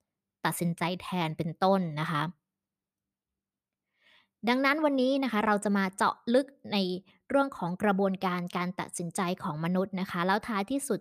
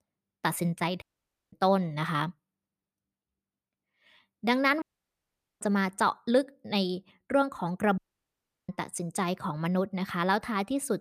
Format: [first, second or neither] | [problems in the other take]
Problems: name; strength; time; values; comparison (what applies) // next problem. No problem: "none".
first | audio cutting out; at 1 s for 0.5 s, at 5 s for 1 s and at 8 s for 0.5 s